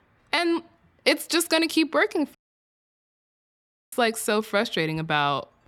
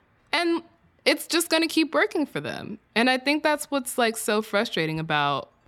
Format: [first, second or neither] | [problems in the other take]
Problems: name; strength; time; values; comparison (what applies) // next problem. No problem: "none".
second | audio cutting out; at 2.5 s for 1.5 s